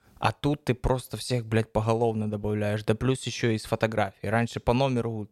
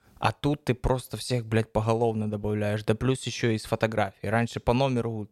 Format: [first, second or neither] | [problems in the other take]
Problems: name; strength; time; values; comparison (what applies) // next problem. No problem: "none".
neither | none